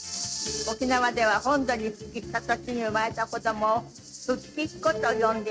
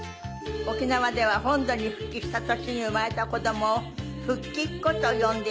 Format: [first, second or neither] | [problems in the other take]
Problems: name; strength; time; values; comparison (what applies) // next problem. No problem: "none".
second | noise reduction (neural mask model RNNoise)